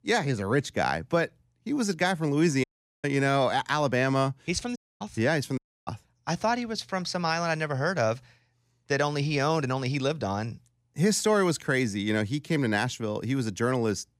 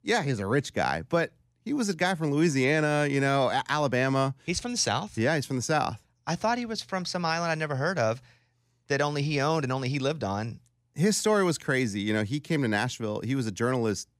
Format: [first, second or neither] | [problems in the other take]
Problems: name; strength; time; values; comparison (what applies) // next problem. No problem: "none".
second | audio cutting out; at 2.5 s, at 5 s and at 5.5 s